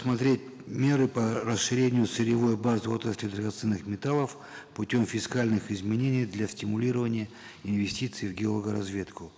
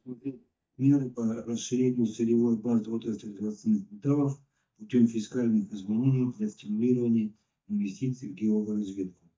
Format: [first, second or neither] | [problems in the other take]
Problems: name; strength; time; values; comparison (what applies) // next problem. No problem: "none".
first | noise reduction (neural mask model DeepFilterNet 3)